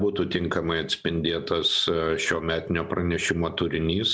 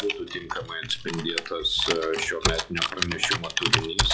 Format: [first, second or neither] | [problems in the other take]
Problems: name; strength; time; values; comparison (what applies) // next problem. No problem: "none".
first | noise reduction (classical method log-MMSE)